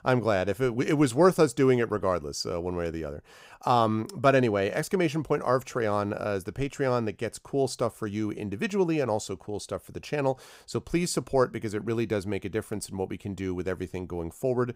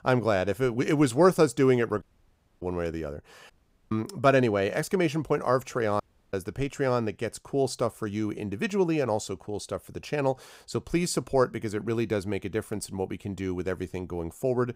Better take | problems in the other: first | audio cutting out; at 2 s for 0.5 s, at 3.5 s and at 6 s

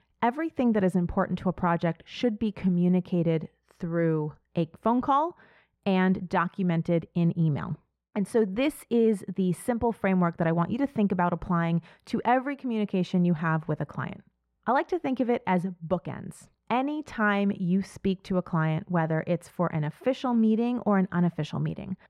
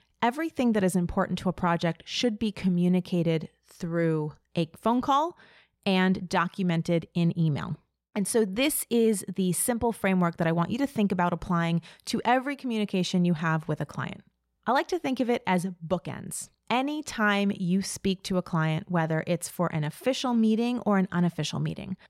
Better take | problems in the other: second | muffled; slightly; fading above 3 kHz

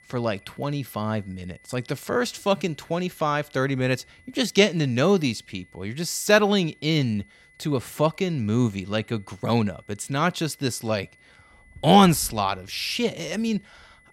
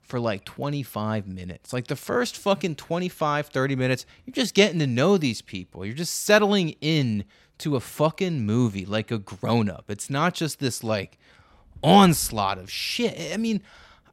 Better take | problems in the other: second | high-pitched whine; faint; throughout; 2 kHz, 30 dB below the speech

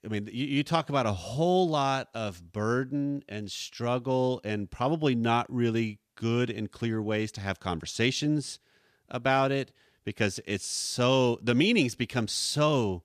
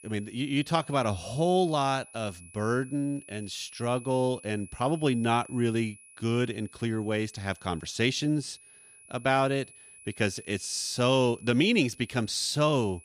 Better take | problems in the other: first | high-pitched whine; faint; throughout; 10.5 kHz, 20 dB below the speech

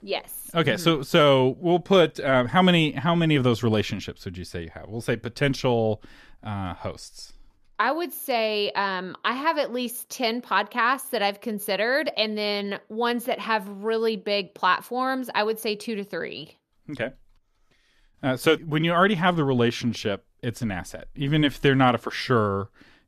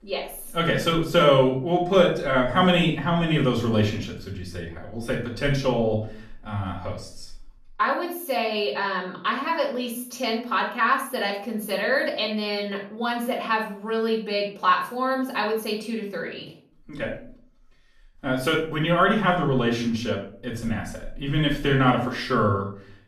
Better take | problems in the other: first | off-mic speech; far // room echo; slight; dies away in 0.4 s

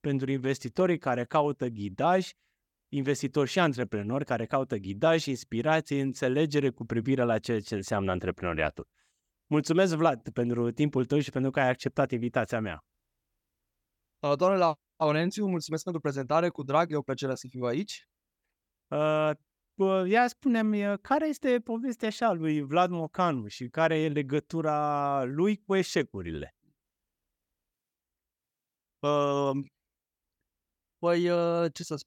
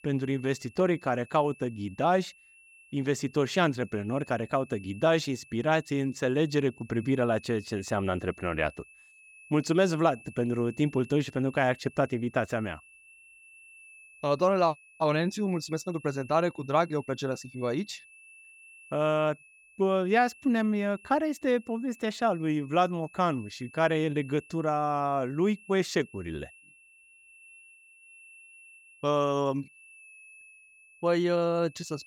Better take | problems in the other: first | high-pitched whine; faint; throughout; 2.5 kHz, 25 dB below the speech

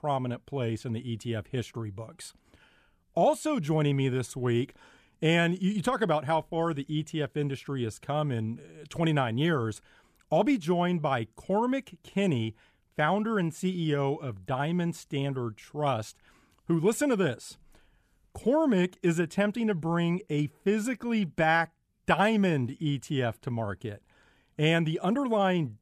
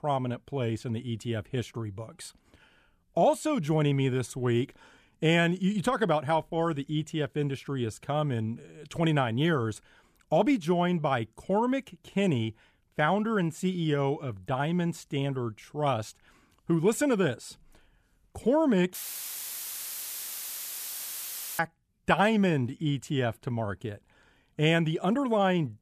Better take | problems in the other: first | audio cutting out; filled with static; at 19 s for 2.5 s

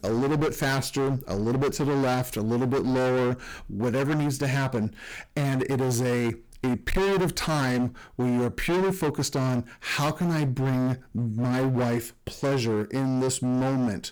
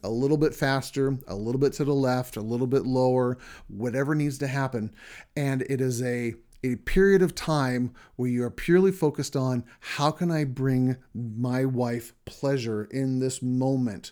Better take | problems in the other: second | distortion; heavy; 28% of the sound clipped

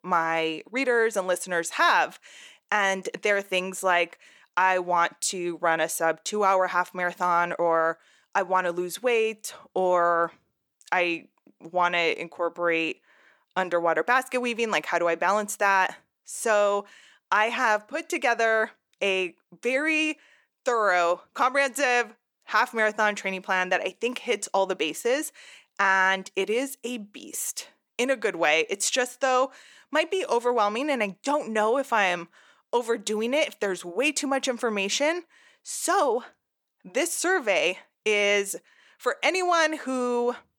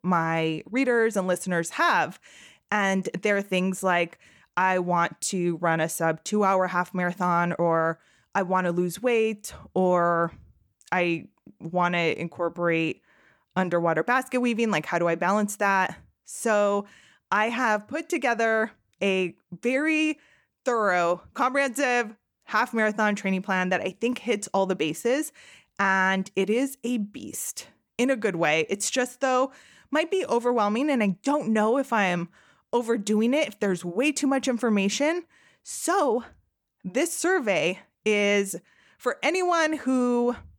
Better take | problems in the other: second | thin; somewhat; fading below 400 Hz

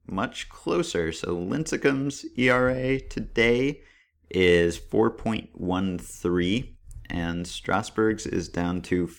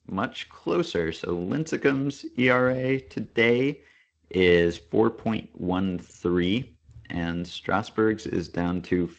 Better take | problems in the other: first | garbled, watery; slightly; nothing above 7.5 kHz

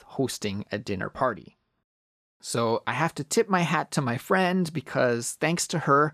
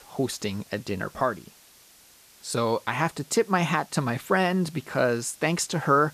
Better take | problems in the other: first | hiss; faint; throughout; 25 dB below the speech

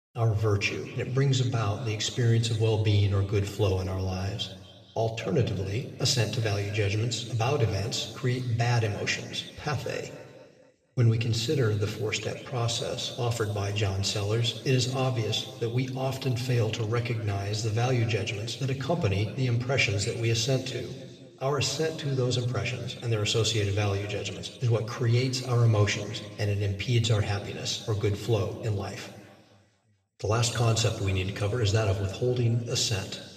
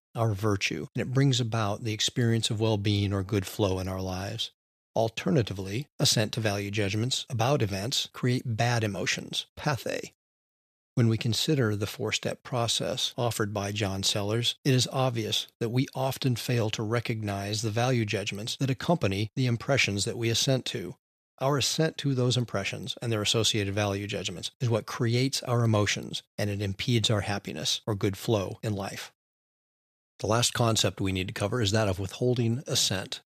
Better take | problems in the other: second | room echo; slight; dies away in 1.7 s // off-mic speech; somewhat distant

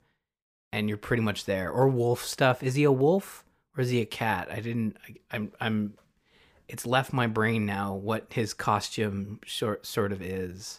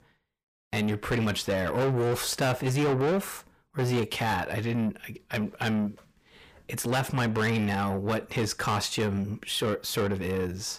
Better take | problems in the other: first | distortion; heavy; 7 dB below the speech

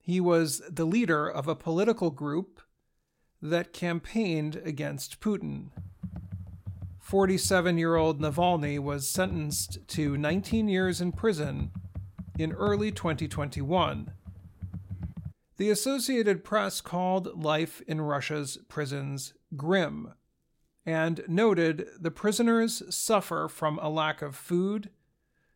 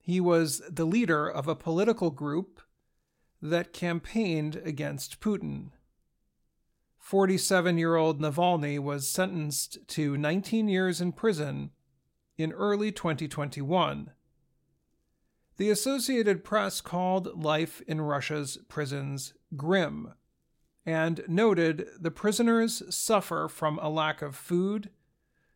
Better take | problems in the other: second | keyboard typing; noticeable; from 6 to 15 s; peak 8 dB below the speech

